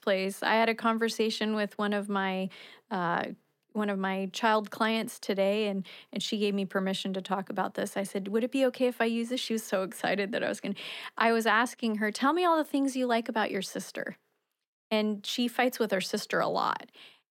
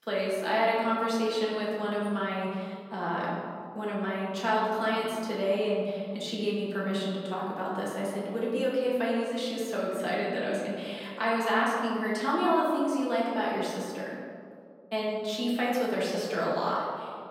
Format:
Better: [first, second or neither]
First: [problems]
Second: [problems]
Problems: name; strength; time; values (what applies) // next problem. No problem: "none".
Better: first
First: none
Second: room echo; noticeable; dies away in 1.9 s // off-mic speech; far